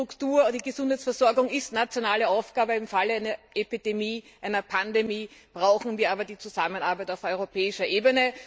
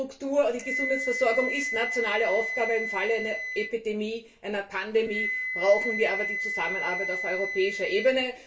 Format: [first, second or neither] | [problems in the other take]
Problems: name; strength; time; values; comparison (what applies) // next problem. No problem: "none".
first | background sound (Wind instrument, woodwind instrument); 4 dB below the speech // room echo; dies away in 0.3 s